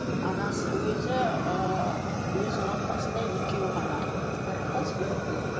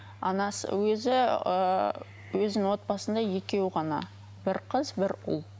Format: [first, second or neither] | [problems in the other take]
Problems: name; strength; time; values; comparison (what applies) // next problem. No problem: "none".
second | background sound (Fire); 3 dB above the speech // room echo; dies away in 2.4 s